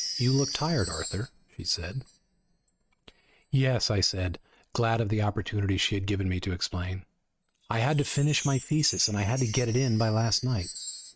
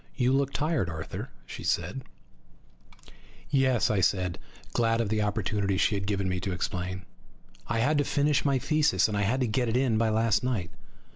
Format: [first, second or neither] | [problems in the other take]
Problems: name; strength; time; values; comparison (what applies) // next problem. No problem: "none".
second | noise reduction (neural mask model RNNoise)